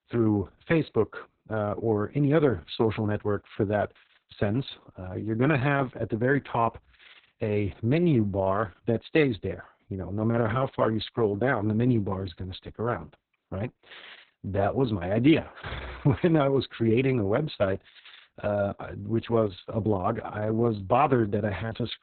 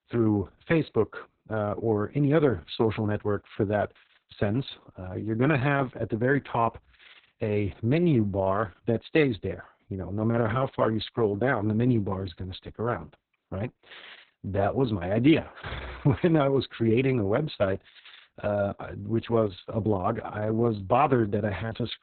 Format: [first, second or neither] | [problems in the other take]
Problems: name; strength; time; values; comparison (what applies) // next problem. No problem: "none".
neither | garbled, watery; badly; nothing above 4 kHz; the same in both